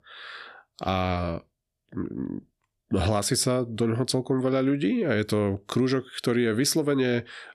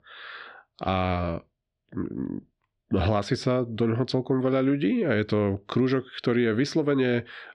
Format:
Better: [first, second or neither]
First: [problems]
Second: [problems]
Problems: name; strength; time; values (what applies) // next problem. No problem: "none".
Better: first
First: none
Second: muffled; slightly; fading above 4 kHz